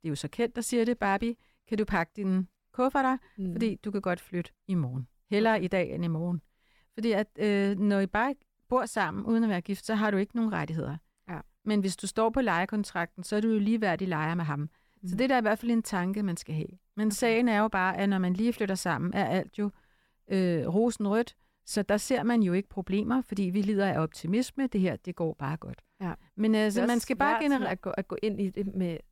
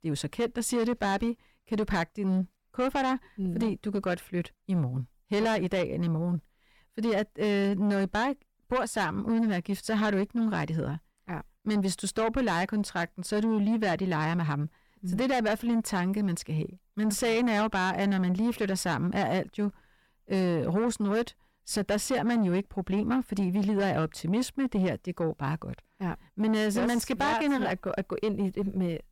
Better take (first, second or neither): first